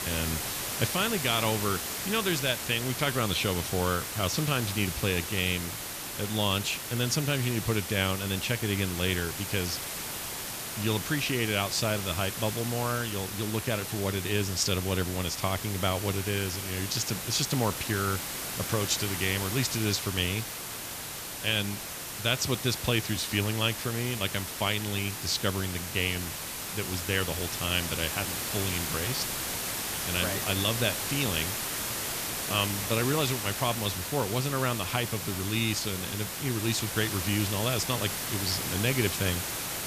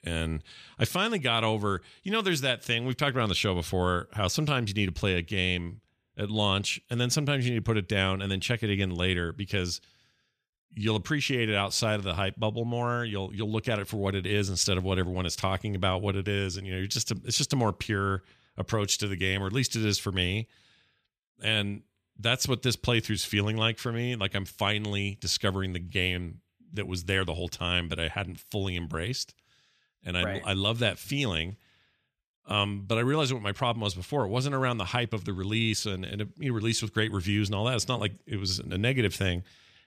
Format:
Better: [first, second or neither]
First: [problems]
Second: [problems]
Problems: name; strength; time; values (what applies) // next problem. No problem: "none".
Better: second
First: hiss; loud; throughout; 3 dB below the speech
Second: none